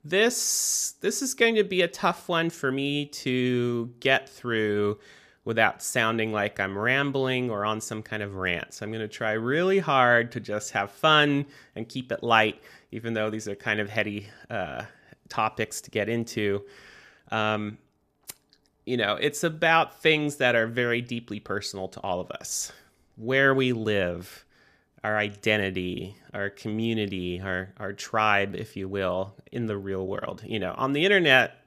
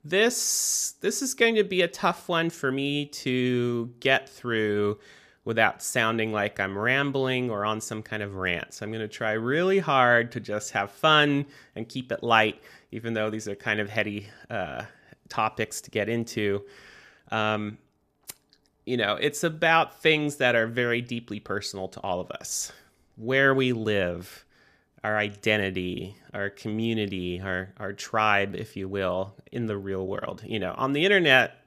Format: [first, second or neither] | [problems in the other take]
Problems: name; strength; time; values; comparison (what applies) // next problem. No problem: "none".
neither | none